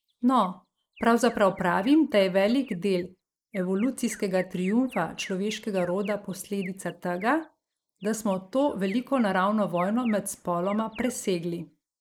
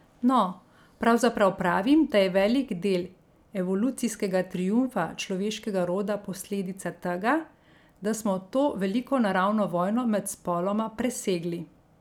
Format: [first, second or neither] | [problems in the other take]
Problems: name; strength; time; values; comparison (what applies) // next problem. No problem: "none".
second | noise reduction (neural mask model Resemble Enhance denoiser)